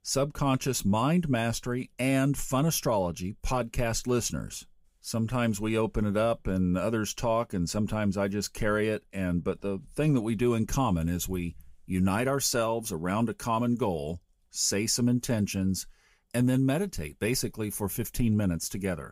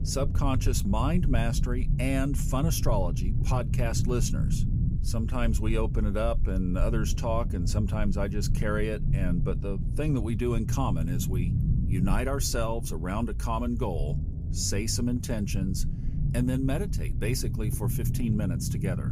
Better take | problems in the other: first | low rumble; loud; throughout; 10 dB below the speech

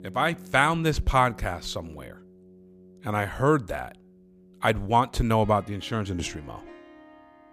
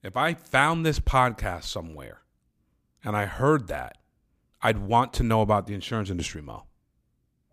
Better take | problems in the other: second | background music; faint; throughout; 25 dB below the speech

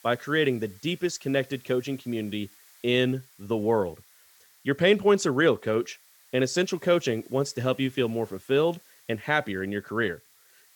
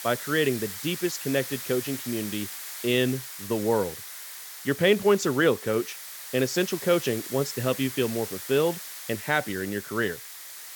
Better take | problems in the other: first | hiss; loud; throughout; 9 dB below the speech; faint in the first

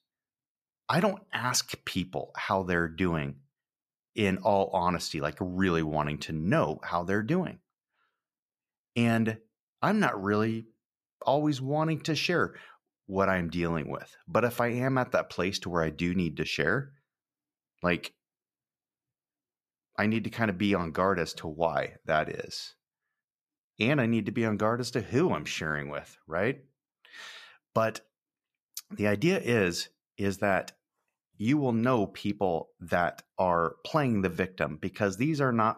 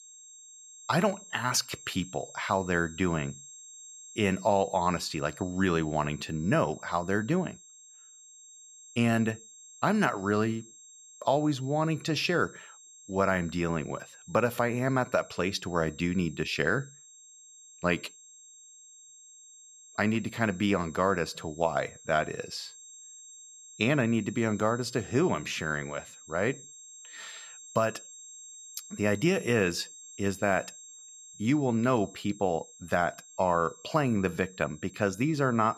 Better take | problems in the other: first | high-pitched whine; noticeable; throughout; 7.5 kHz, 20 dB below the speech

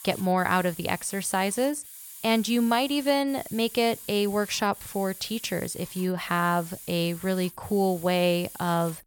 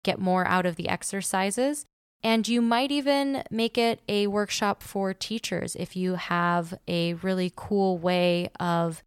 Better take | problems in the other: second | hiss; noticeable; throughout; 15 dB below the speech

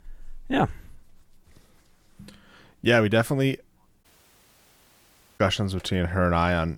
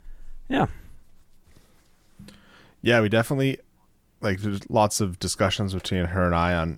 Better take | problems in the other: second | audio cutting out; at 4 s for 1.5 s

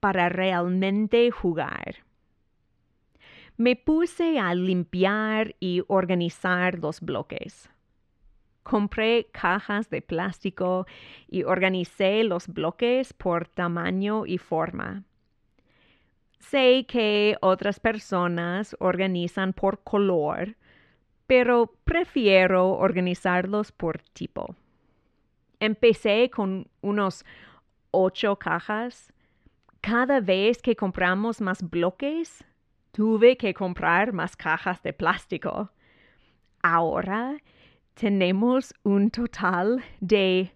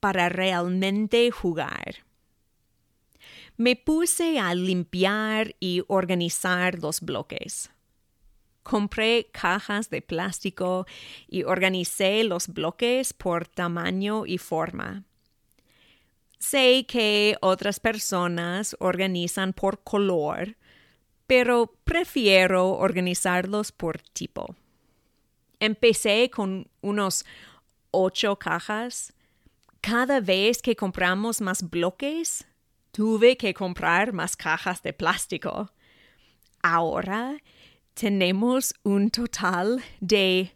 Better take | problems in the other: second | muffled; slightly; fading above 2.5 kHz

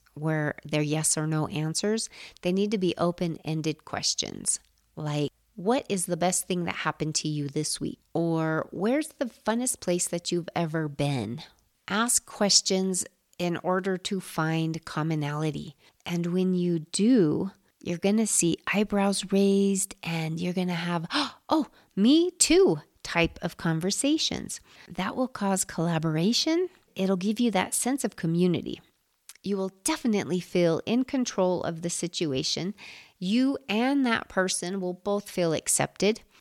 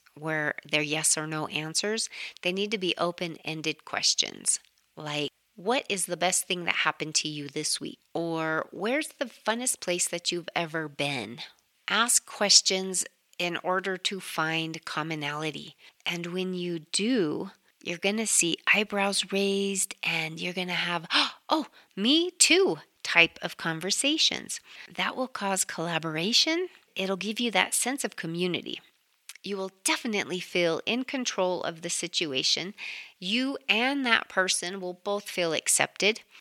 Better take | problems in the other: first | thin; very slightly; fading below 900 Hz

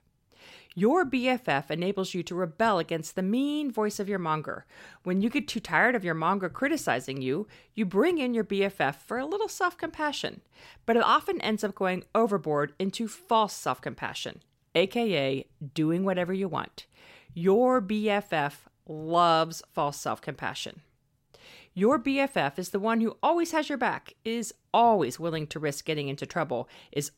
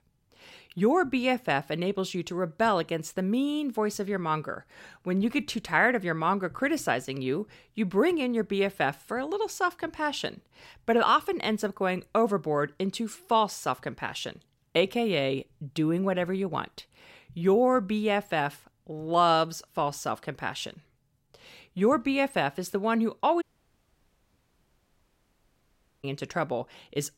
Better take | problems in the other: first | audio cutting out; at 23 s for 2.5 s

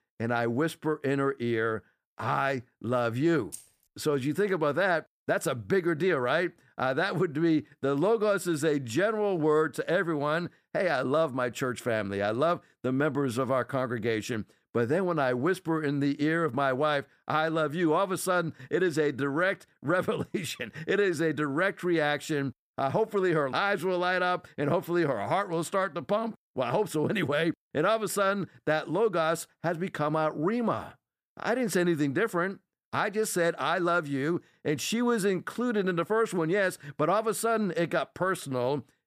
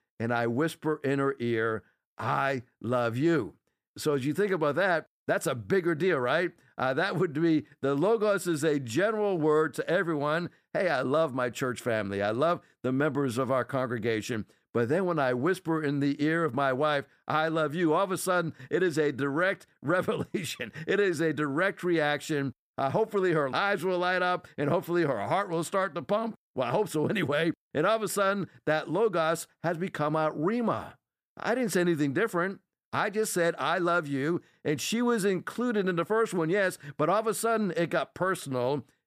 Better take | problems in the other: second | jangling keys; faint; at 3.5 s; peak 15 dB below the speech

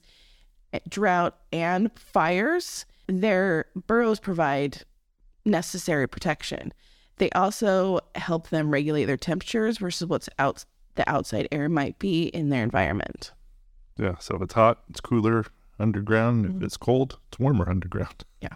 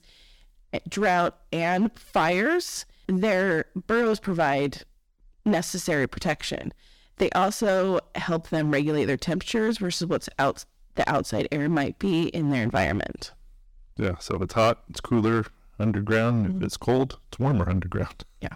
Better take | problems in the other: first | distortion; slight; 6% of the sound clipped

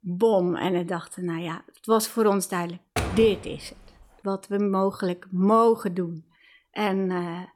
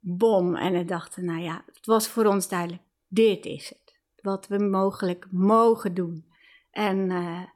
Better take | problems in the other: second | door banging; noticeable; at 3 s; peak 4 dB below the speech

